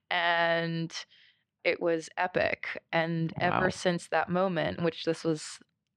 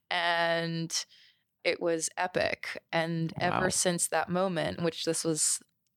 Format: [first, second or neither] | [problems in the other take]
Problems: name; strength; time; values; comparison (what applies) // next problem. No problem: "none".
second | muffled; slightly; fading above 3 kHz